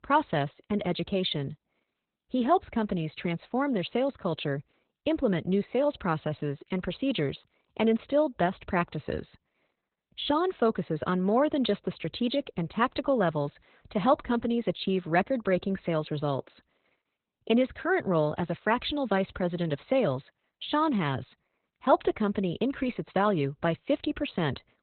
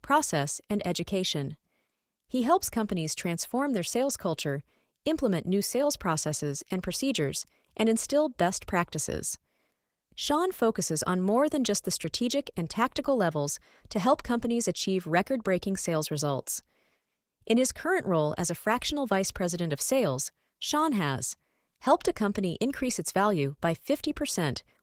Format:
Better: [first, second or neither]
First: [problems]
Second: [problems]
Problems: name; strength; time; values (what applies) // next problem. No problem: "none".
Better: second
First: garbled, watery; badly; nothing above 4 kHz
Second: garbled, watery; slightly; nothing above 17.5 kHz